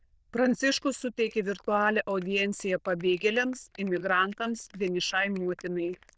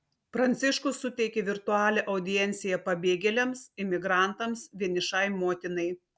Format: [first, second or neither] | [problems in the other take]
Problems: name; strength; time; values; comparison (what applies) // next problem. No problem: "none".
second | noise reduction (neural diffusion model UNIVERSE++)